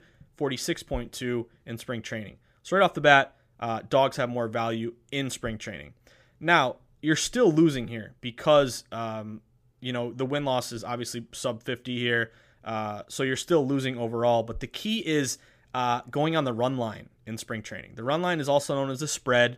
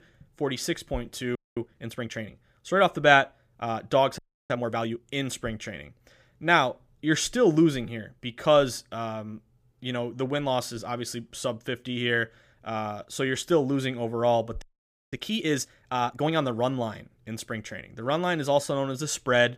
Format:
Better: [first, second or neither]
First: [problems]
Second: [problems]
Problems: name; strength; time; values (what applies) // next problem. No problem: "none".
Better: first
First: none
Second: audio freezing; at 1.5 s, at 4 s and at 15 s for 0.5 s